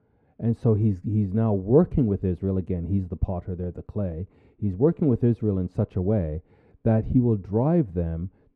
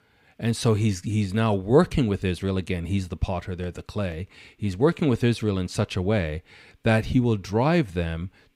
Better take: second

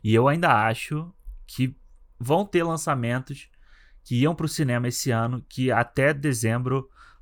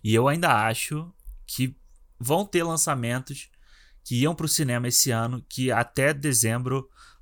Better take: second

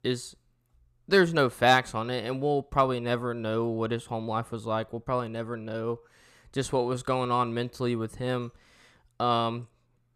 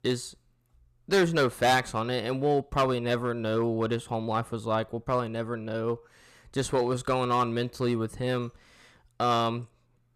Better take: first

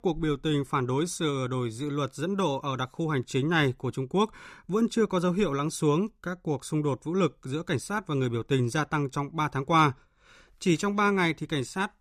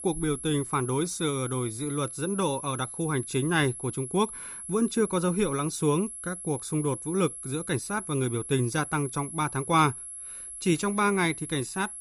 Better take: first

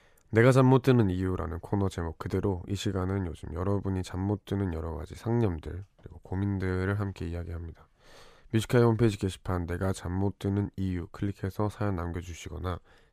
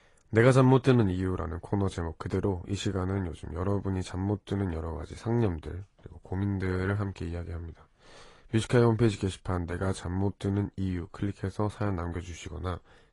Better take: first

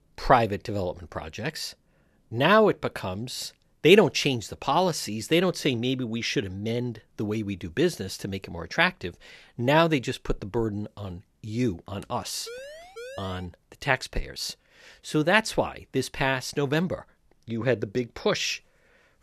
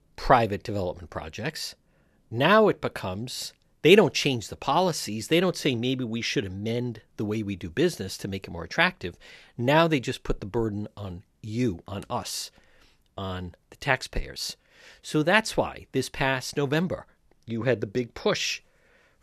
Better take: second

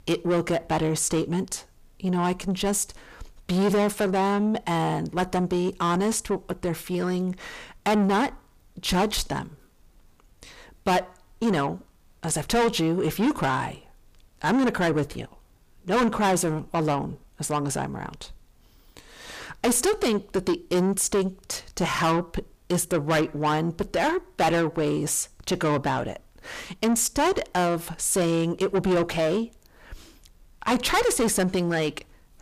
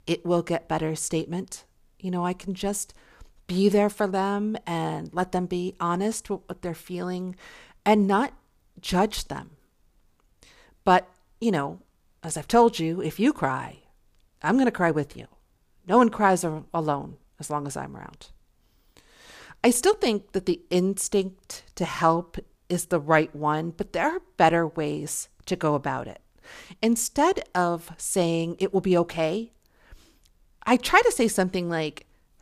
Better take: second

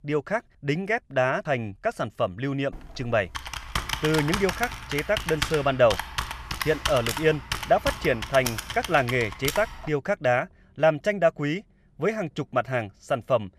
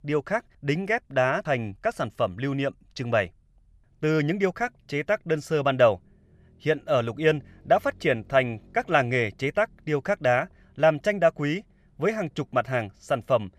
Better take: second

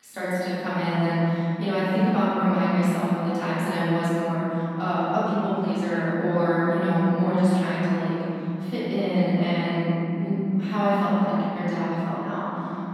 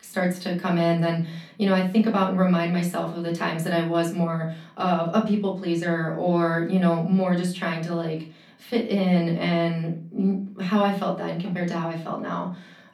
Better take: second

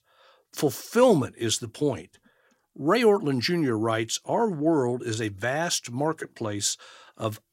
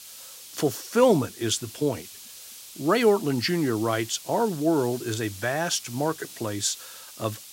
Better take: first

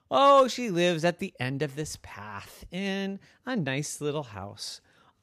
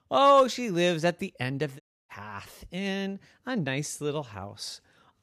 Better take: first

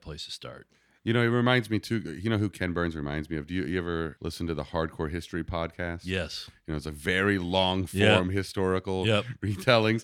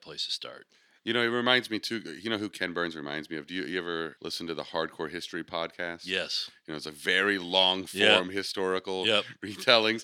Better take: first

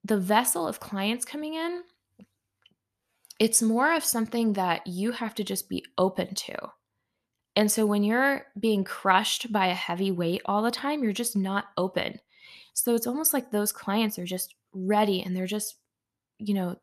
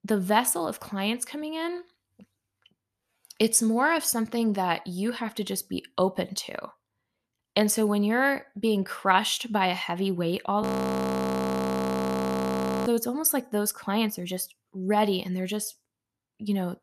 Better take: first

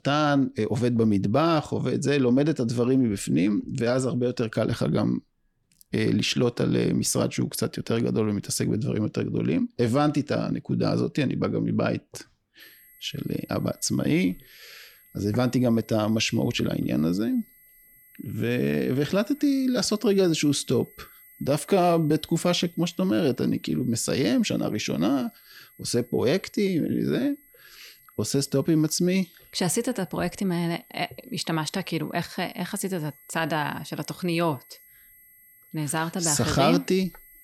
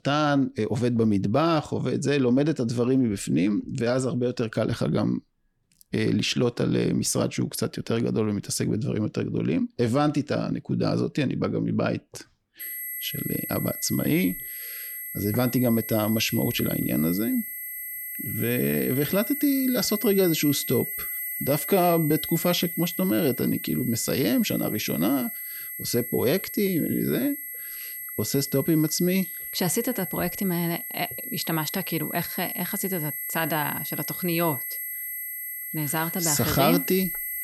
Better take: first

